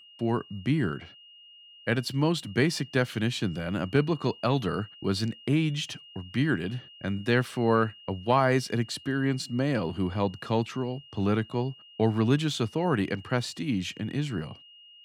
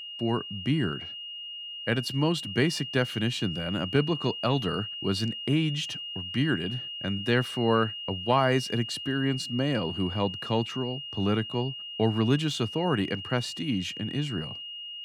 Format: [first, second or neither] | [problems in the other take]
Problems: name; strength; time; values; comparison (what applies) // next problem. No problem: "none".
first | high-pitched whine; loud; throughout; 3 kHz, 7 dB below the speech; faint in the first